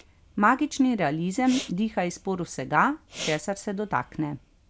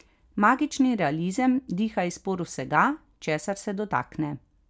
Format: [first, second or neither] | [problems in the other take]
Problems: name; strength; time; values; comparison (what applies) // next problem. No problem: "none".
second | background sound (Respiratory sounds); 17 dB below the speech